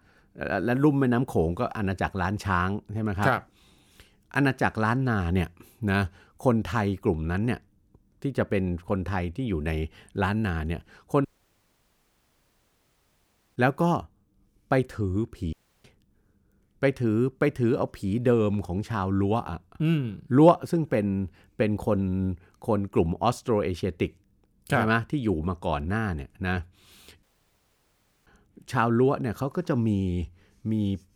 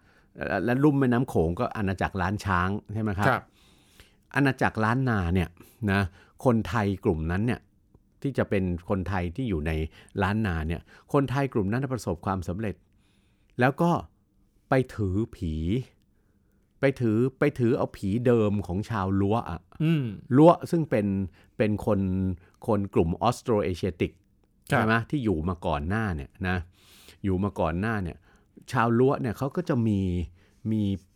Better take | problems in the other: second | audio cutting out; at 11 s for 2.5 s, at 16 s and at 27 s for 1 s

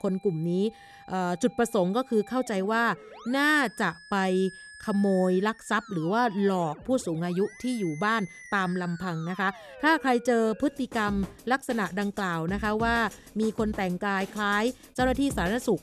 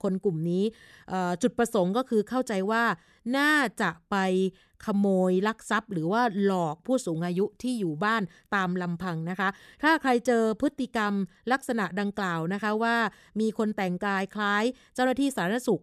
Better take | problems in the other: second | background music; noticeable; throughout; 20 dB below the speech

